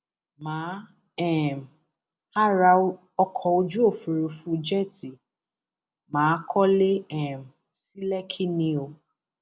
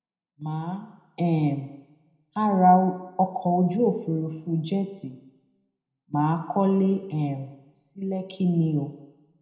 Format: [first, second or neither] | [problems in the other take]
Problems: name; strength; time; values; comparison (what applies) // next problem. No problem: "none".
first | room echo; dies away in 0.7 s